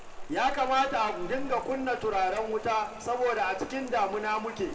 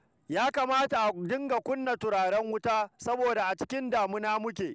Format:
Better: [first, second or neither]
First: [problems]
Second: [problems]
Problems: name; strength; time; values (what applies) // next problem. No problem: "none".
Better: second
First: background sound (Rain); 12 dB below the speech // room echo; dies away in 1.8 s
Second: none